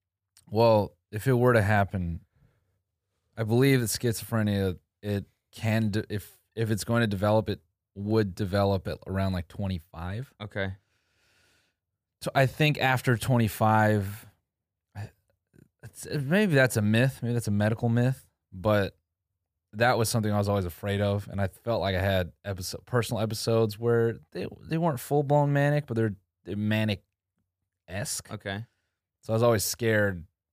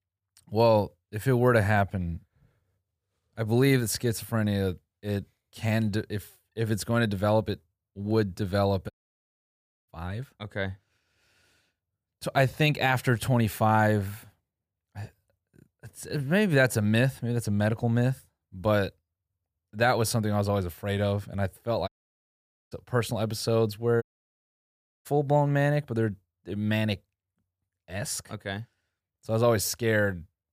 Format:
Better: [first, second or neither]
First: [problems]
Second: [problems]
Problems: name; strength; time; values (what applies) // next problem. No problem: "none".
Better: first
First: none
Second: audio cutting out; at 9 s for 1 s, at 22 s for 1 s and at 24 s for 1 s